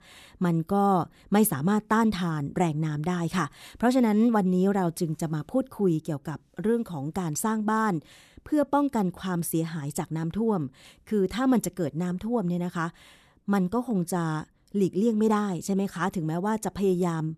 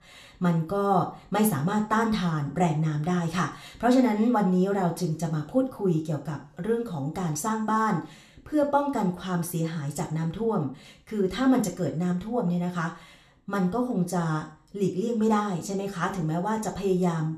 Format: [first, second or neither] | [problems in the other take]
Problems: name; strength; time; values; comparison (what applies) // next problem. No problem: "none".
first | room echo; slight; dies away in 0.4 s // off-mic speech; somewhat distant